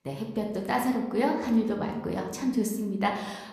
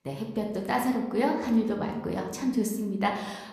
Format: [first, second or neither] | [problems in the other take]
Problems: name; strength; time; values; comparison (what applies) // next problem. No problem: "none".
neither | room echo; slight; dies away in 0.8 s; the same in both